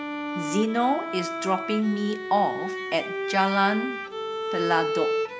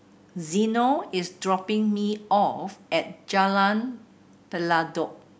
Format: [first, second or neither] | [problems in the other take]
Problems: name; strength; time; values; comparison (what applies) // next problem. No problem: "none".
second | background sound (Bowed string instrument); 4 dB below the speech